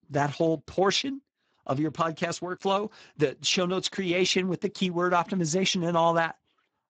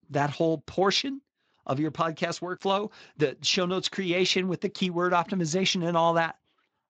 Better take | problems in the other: second | garbled, watery; badly; nothing above 7.5 kHz; slightly in the second

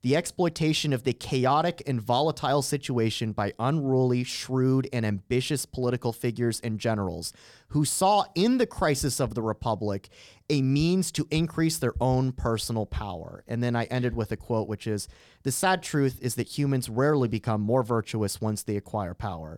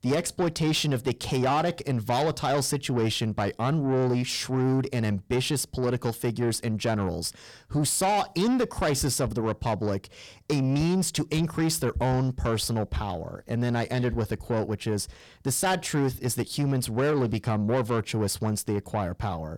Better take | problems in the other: first | distortion; slight; 10 dB below the speech

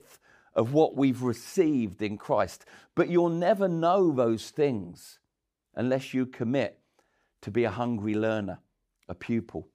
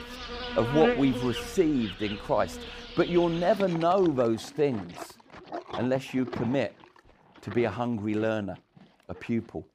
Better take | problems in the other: first | animal sounds; loud; throughout; 9 dB below the speech

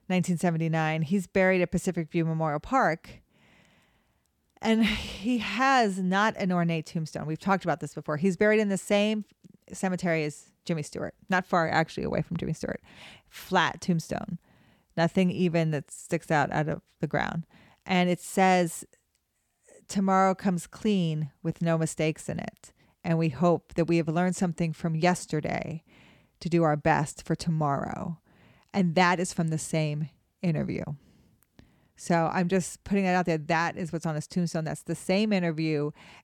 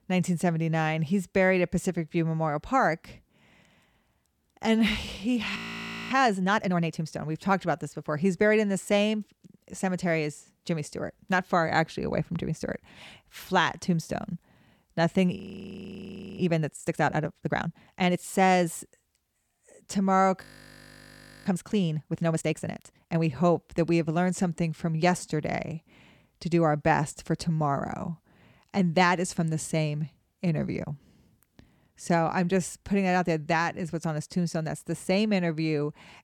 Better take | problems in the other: first | audio freezing; at 5.5 s for 0.5 s, at 15 s for 1 s and at 20 s for 1 s

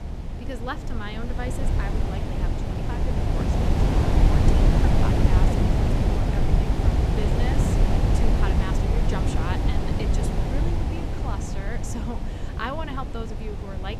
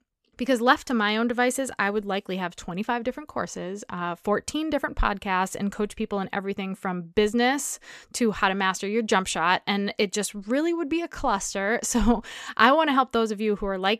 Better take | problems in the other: second | wind noise on the microphone; heavy; 4 dB above the speech

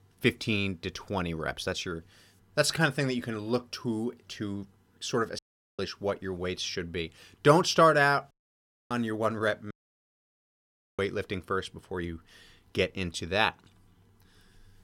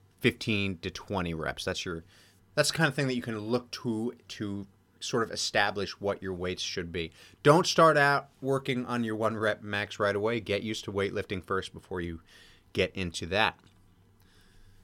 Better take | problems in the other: second | audio cutting out; at 5.5 s, at 8.5 s for 0.5 s and at 9.5 s for 1.5 s

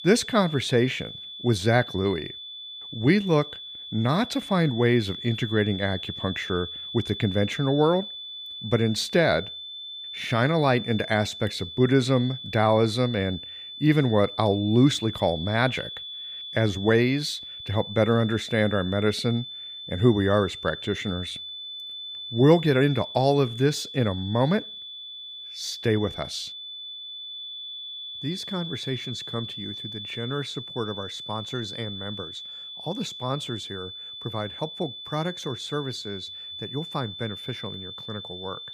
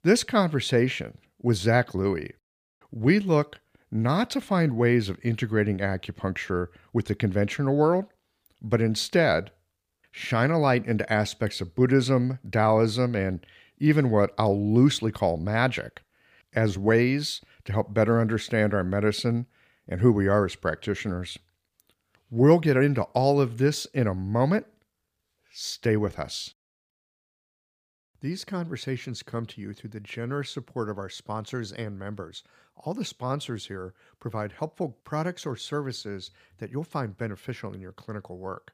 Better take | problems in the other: second | high-pitched whine; noticeable; throughout; 3.5 kHz, 10 dB below the speech

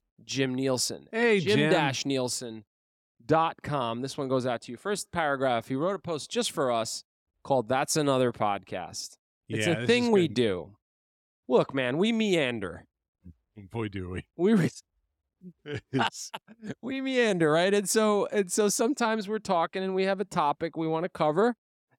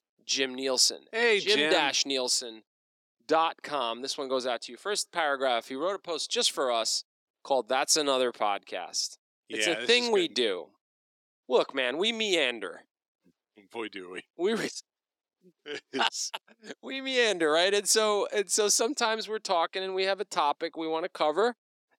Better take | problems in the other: first | thin; somewhat; fading below 350 Hz

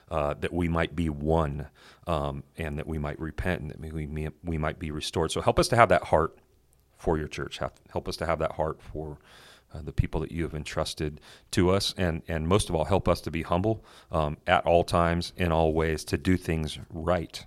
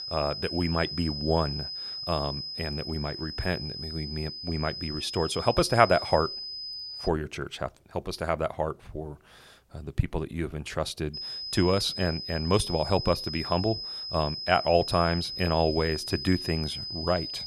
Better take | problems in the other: first | high-pitched whine; loud; until 7 s and from 11 s on; 5 kHz, 6 dB below the speech

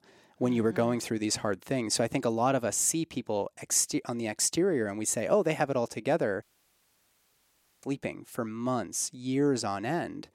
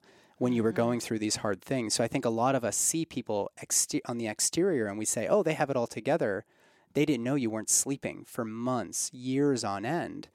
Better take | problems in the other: second | audio cutting out; at 6.5 s for 1.5 s

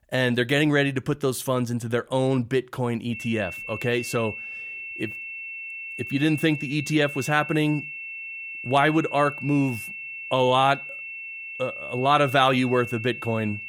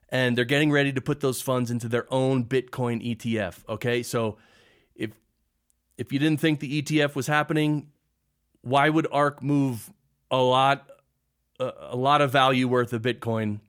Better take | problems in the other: second | high-pitched whine; loud; from 3 s on; 2.5 kHz, 9 dB below the speech

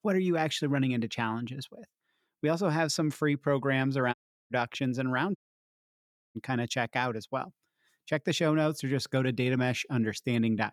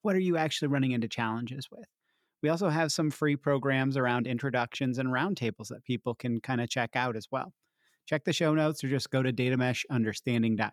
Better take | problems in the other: second | audio cutting out; at 4 s and at 5.5 s for 1 s

